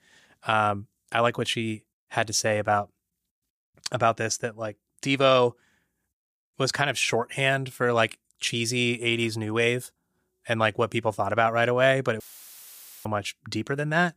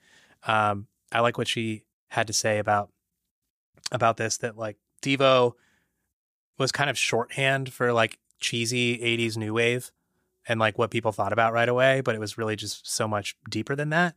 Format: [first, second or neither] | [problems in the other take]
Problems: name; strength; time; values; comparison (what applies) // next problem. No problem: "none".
second | audio cutting out; filled with static; at 12 s for 1 s